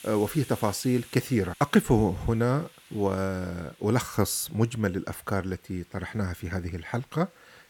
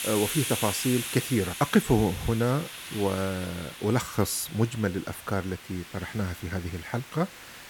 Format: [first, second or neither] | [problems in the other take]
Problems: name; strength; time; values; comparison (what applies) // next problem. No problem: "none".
first | hiss; loud; throughout; 8 dB below the speech; faint in the first